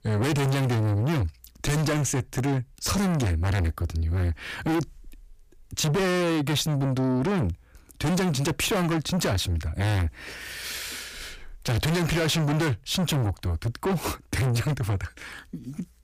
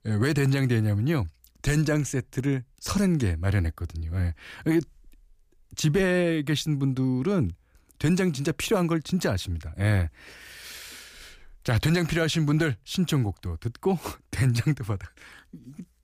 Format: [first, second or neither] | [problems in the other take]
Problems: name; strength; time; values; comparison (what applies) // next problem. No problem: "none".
second | distortion; heavy; 6 dB below the speech